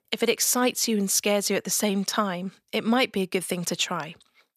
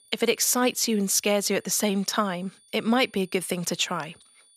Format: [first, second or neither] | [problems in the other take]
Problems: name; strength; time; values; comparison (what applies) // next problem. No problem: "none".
first | high-pitched whine; faint; throughout; 9.5 kHz, 30 dB below the speech